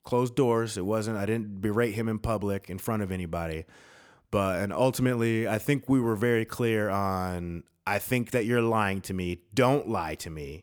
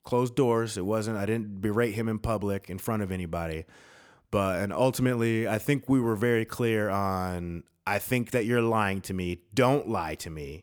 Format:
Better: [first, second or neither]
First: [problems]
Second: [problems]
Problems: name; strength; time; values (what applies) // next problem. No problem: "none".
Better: neither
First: none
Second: none